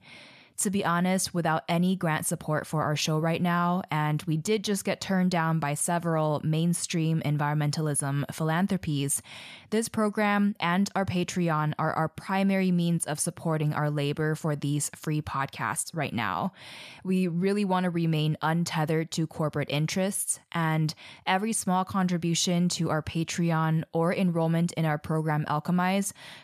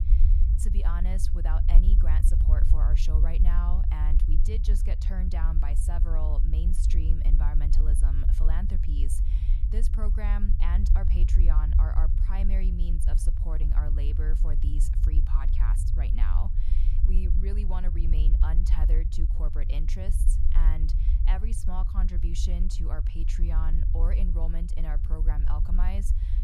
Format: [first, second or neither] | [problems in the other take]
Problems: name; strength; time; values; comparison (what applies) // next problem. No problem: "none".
first | low rumble; loud; throughout; 4 dB below the speech